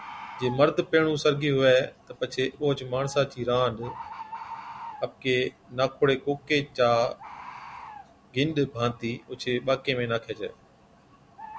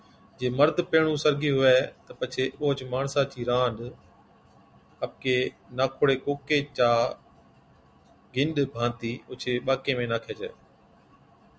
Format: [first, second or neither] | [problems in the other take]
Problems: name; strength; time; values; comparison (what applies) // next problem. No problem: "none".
second | background sound (Bird); 18 dB below the speech